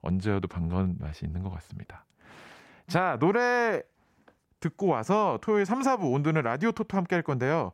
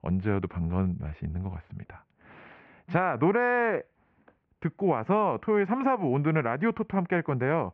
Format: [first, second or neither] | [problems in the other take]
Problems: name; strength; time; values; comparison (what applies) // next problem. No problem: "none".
first | muffled; very; fading above 2.5 kHz